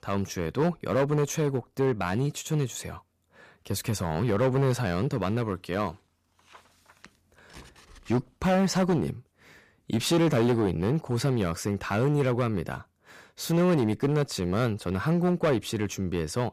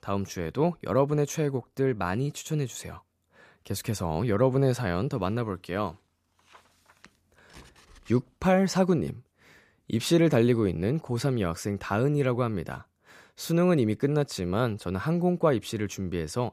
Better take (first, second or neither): second